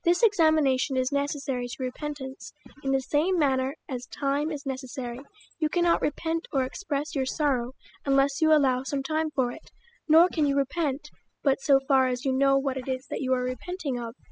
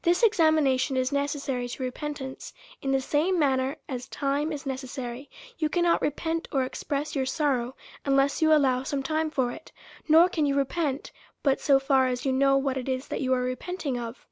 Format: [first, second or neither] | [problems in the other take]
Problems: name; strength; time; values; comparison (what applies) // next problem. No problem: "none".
second | noise reduction (classical method spectral subtraction)